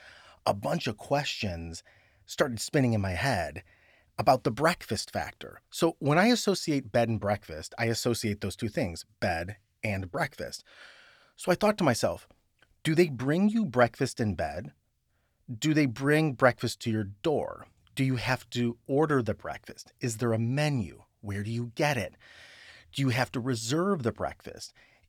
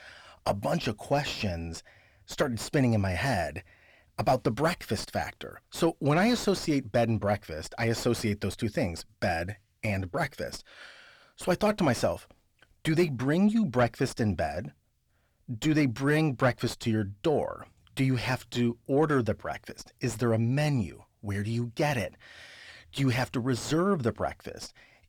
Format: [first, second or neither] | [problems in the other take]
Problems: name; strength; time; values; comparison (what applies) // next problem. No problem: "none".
first | distortion; slight; 10 dB below the speech